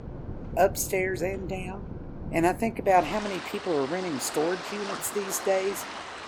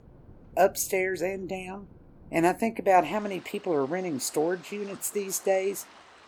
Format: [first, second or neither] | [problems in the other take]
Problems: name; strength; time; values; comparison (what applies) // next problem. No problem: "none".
second | rain or running water; loud; throughout; 10 dB below the speech; faint in the second